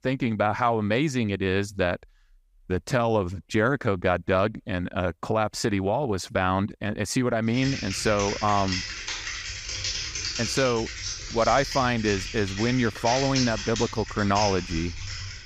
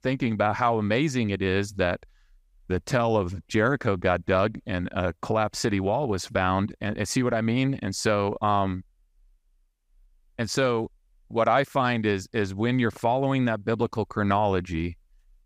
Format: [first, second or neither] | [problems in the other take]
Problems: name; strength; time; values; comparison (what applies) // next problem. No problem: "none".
second | keyboard typing; noticeable; from 7.5 s on; peak 1 dB below the speech